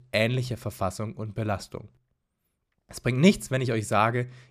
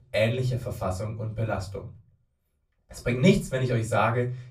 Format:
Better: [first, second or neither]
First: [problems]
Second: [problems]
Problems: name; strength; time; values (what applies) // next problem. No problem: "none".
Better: first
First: none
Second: off-mic speech; far // room echo; very slight; dies away in 0.3 s